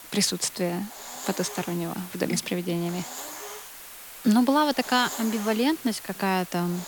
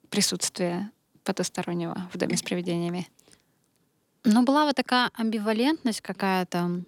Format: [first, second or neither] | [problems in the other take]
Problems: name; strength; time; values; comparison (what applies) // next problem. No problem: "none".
second | hiss; noticeable; throughout; 10 dB below the speech